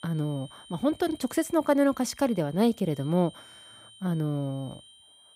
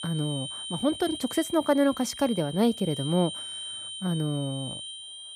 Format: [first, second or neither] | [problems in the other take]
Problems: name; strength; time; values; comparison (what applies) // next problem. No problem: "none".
first | high-pitched whine; loud; throughout; 3 kHz, 8 dB below the speech; faint in the first